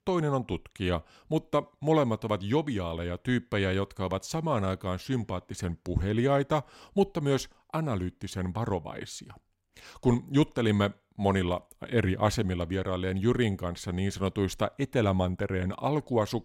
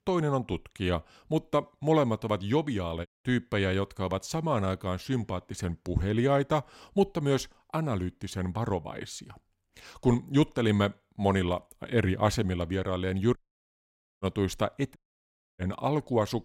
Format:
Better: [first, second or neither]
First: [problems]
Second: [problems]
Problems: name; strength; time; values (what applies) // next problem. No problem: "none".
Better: first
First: none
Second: audio cutting out; at 3 s, at 13 s for 1 s and at 15 s for 0.5 s